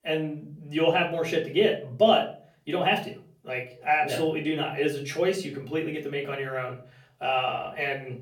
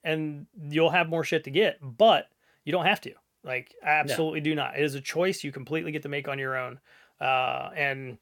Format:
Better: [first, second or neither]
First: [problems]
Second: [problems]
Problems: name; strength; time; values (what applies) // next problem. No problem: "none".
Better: second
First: off-mic speech; far // room echo; slight; dies away in 0.4 s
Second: none